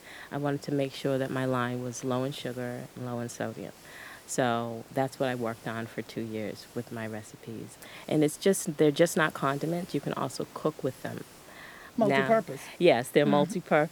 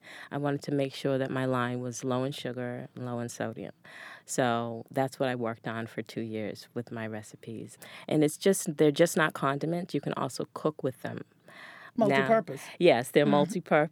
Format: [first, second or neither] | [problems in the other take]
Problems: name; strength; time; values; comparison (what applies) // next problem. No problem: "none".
second | hiss; faint; throughout; 20 dB below the speech